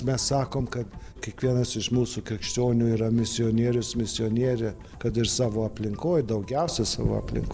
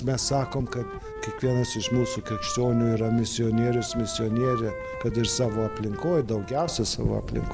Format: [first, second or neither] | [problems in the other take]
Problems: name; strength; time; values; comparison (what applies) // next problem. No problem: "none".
first | background sound (Wind instrument, woodwind instrument); 12 dB below the speech